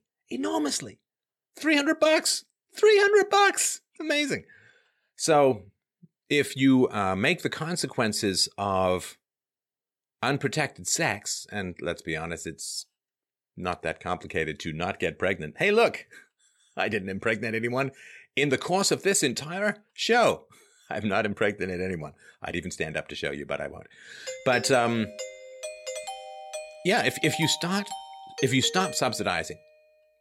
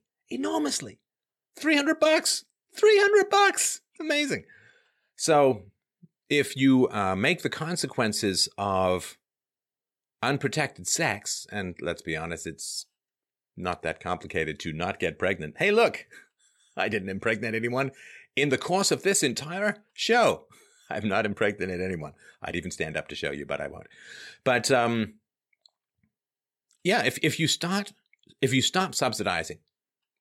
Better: second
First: doorbell; noticeable; from 24 to 29 s; peak 8 dB below the speech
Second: none

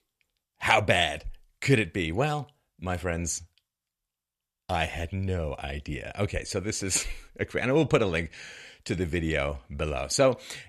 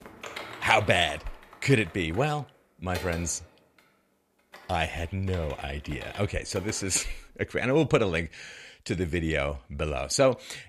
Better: first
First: none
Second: keyboard typing; faint; until 7 s; peak 10 dB below the speech

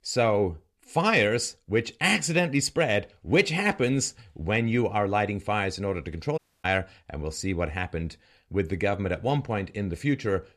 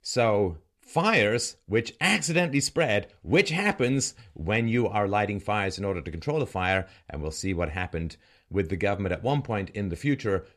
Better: second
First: audio cutting out; at 6.5 s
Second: none

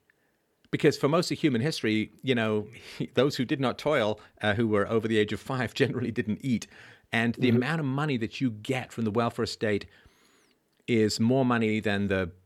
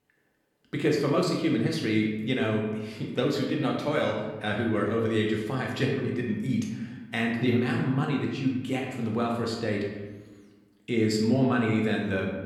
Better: first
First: none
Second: room echo; noticeable; dies away in 1 s // off-mic speech; somewhat distant

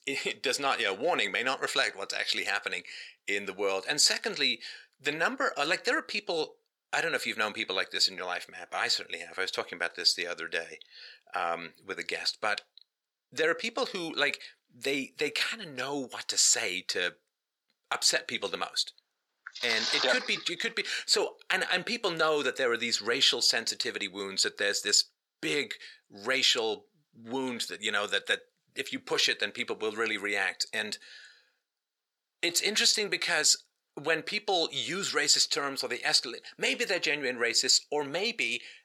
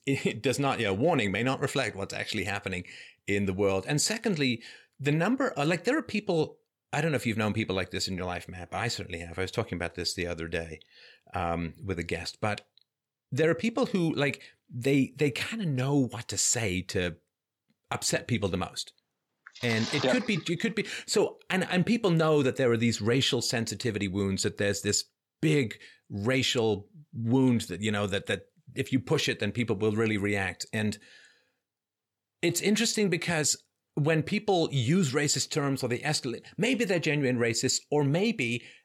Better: second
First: thin; very; fading below 500 Hz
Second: none

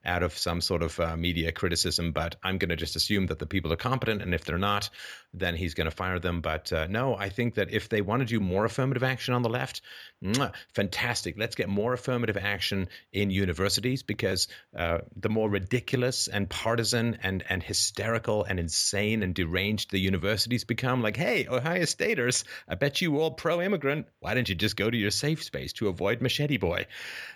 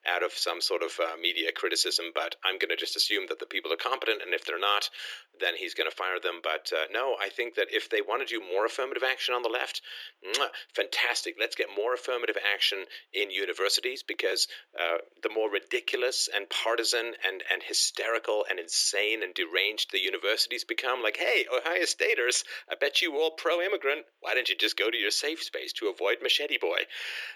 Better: first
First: none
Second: thin; very; fading below 350 Hz

